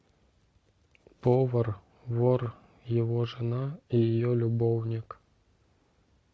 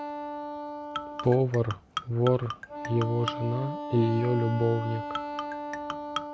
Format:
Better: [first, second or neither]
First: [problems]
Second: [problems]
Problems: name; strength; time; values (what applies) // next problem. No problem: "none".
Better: first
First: none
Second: background sound (Marimba, xylophone + Wind instrument, woodwind instrument); 7 dB below the speech